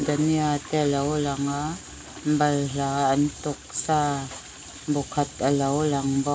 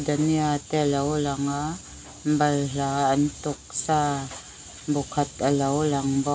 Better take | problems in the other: second | background sound (Toilet flush); 19 dB below the speech

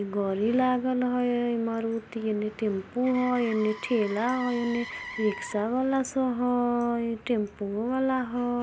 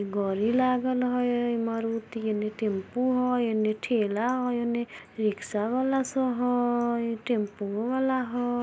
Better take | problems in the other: second | background sound (Motor vehicle (road)); 18 dB below the speech

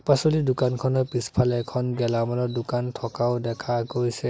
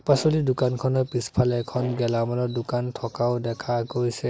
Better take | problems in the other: first | background sound (Fart); 13 dB below the speech

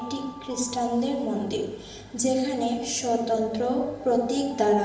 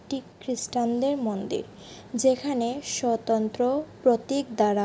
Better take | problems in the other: second | background sound (Alarm); 18 dB below the speech // room echo; dies away in 0.8 s

